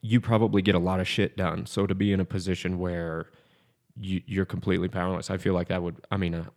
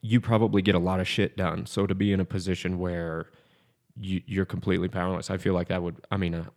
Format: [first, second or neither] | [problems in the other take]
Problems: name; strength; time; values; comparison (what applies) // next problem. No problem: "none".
neither | none